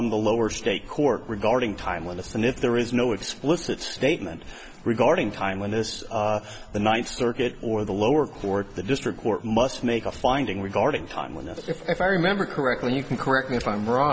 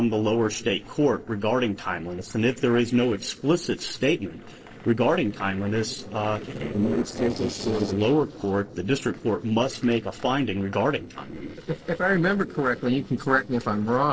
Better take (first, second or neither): first